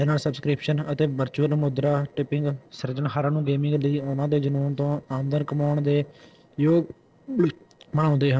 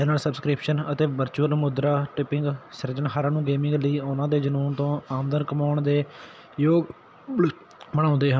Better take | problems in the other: second | noise reduction (neural separator model SepFormer DNS4)

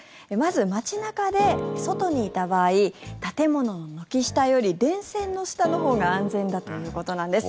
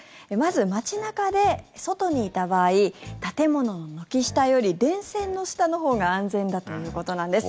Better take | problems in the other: second | background sound (Keyboard (musical)); 6 dB below the speech

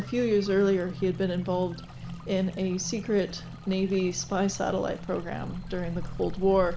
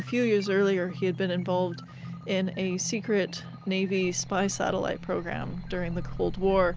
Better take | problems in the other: second | background sound (Stream); 19 dB below the speech // room echo; dies away in 0.5 s

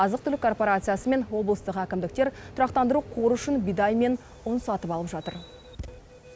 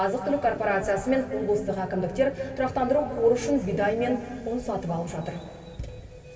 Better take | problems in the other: first | room echo; dies away in 2.7 s

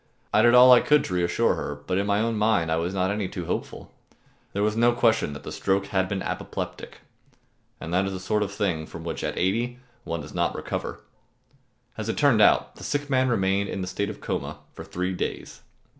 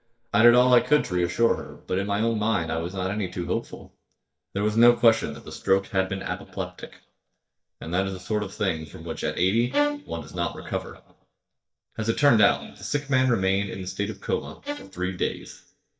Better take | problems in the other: first | noise reduction (neural mask model DeepFilterNet 3)

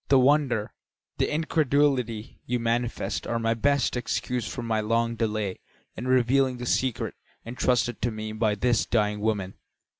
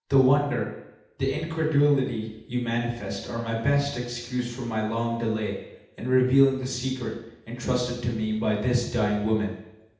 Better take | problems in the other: first | room echo; dies away in 0.8 s

